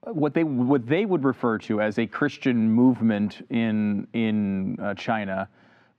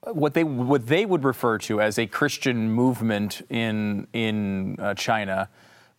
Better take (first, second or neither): second